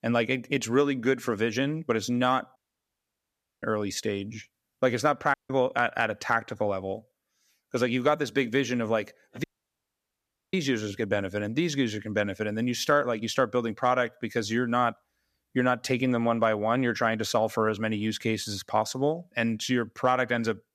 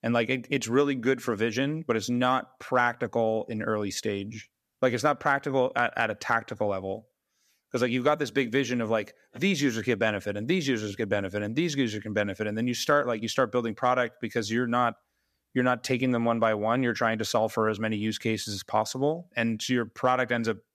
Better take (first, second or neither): second